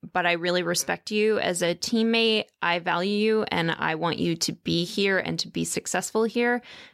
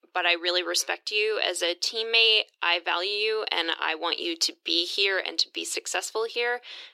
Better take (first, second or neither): first